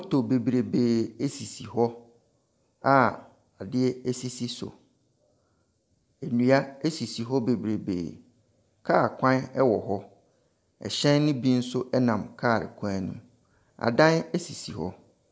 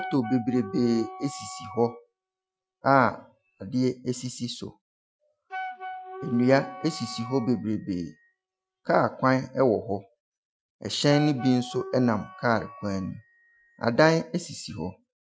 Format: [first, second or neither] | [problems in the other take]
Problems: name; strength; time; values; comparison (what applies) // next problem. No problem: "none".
first | noise reduction (classical method Wiener filter)